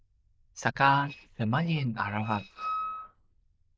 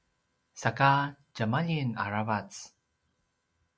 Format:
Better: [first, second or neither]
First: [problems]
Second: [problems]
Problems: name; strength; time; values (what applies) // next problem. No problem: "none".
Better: second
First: noise reduction (neural diffusion model UNIVERSE++)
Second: none